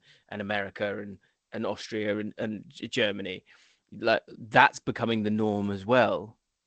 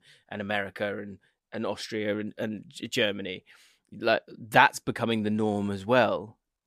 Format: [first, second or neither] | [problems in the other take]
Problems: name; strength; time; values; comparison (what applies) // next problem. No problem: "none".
second | garbled, watery; slightly; nothing above 8 kHz